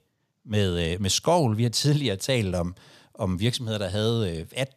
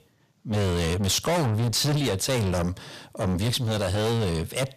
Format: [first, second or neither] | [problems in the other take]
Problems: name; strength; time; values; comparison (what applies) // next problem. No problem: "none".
first | distortion; heavy; 5 dB below the speech